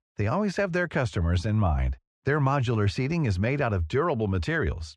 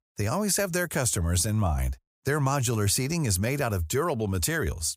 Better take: second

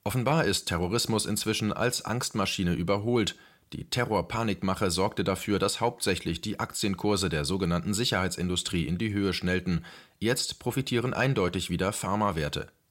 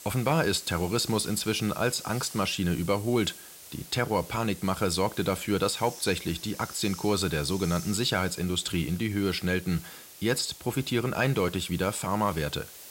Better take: first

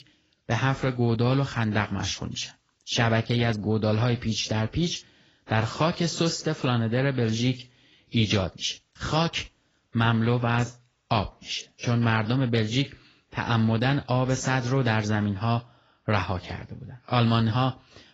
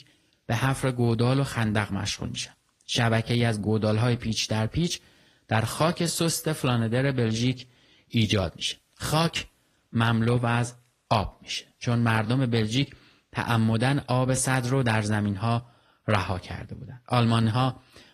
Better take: second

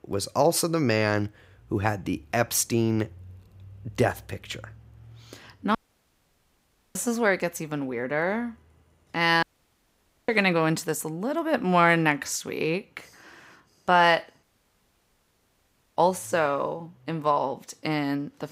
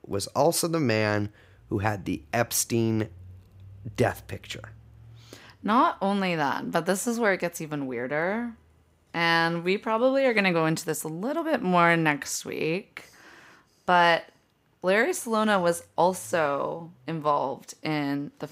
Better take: second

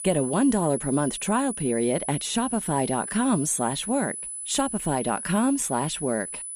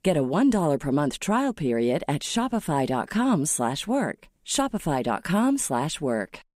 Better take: second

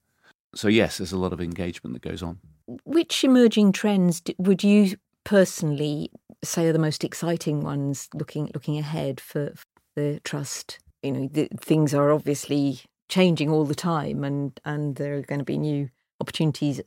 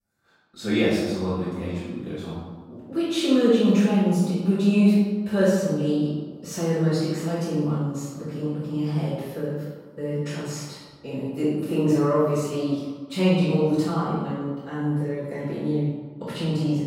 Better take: first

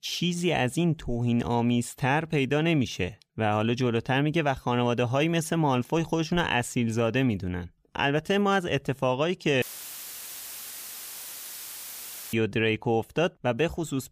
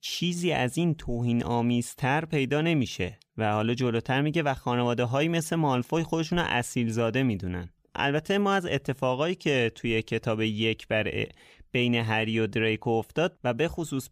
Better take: second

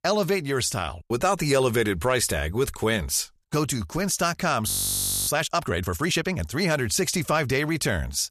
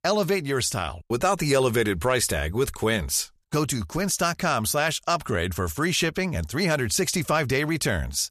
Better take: second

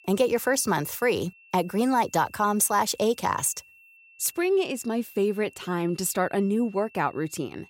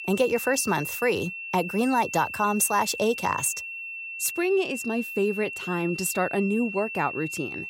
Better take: first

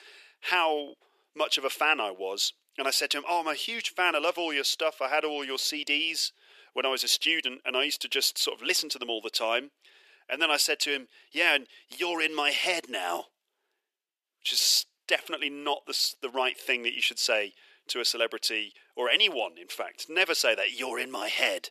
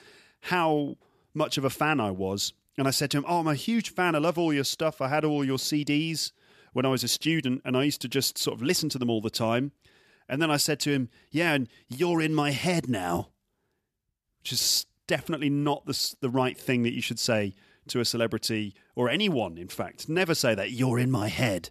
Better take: second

